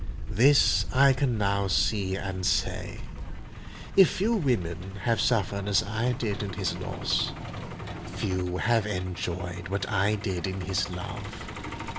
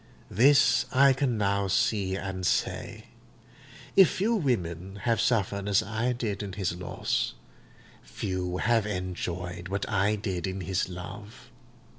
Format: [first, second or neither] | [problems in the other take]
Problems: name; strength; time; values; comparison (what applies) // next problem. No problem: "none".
second | background sound (Truck); 8 dB below the speech